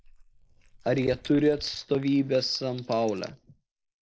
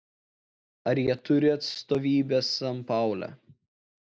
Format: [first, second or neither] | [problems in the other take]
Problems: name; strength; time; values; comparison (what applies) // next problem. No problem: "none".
second | noise reduction (neural mask model Resemble Enhance denoiser)